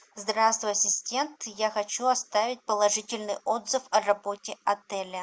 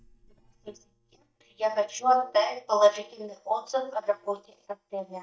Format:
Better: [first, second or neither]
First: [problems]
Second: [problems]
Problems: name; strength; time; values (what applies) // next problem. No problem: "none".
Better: first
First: none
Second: noise reduction (neural mask model DeepFilterNet 3)